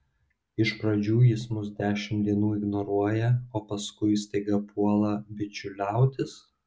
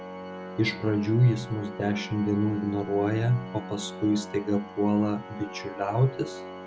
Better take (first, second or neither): first